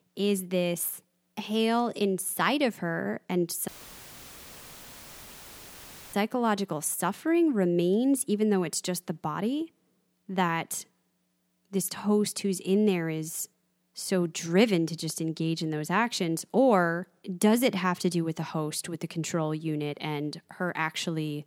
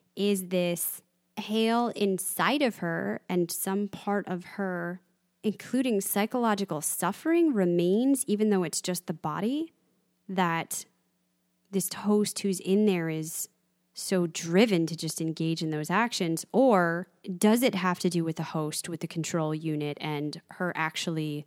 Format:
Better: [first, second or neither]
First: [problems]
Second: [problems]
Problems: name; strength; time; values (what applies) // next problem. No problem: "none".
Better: second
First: audio cutting out; filled with static; at 3.5 s for 2.5 s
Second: none